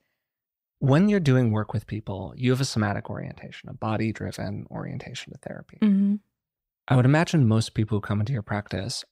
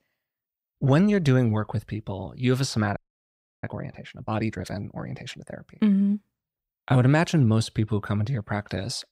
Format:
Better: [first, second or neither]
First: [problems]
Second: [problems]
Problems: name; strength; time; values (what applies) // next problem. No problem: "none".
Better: first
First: none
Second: audio freezing; at 3 s for 0.5 s